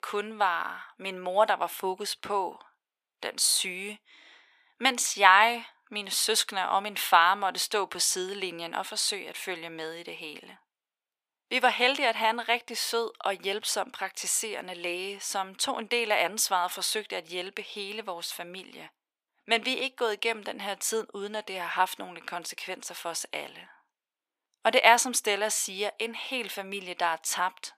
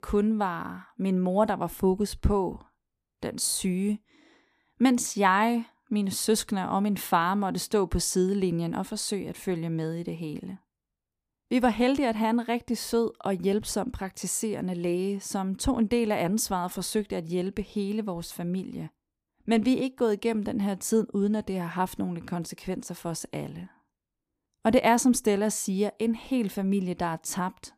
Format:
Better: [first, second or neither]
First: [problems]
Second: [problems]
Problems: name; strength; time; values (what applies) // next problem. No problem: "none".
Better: second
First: thin; very; fading below 750 Hz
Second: none